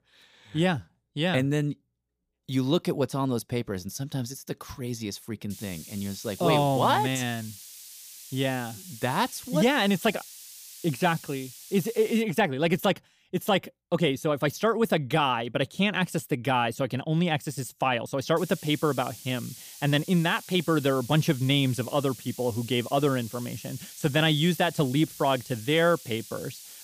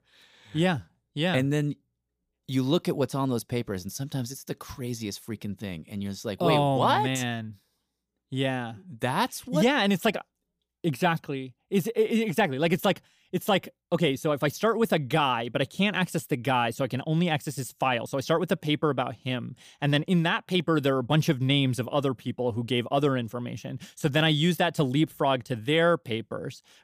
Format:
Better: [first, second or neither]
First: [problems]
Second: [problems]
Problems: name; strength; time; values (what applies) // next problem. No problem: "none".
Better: second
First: hiss; noticeable; from 5.5 to 12 s and from 18 s on; 15 dB below the speech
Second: none